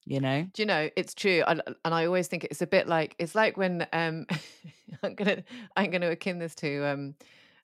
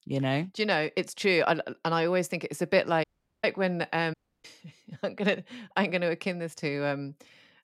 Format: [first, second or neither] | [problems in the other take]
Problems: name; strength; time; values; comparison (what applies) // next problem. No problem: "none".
first | audio cutting out; at 3 s and at 4 s